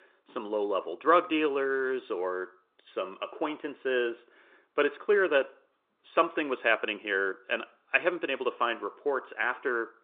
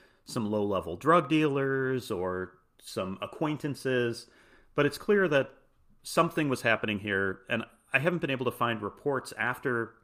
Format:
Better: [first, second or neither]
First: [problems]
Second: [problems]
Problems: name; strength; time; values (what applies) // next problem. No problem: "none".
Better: second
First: phone-call audio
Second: none